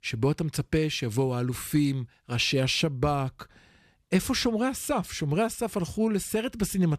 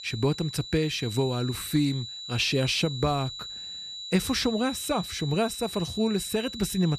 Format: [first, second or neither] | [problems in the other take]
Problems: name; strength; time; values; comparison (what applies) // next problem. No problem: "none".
first | high-pitched whine; loud; throughout; 4 kHz, 9 dB below the speech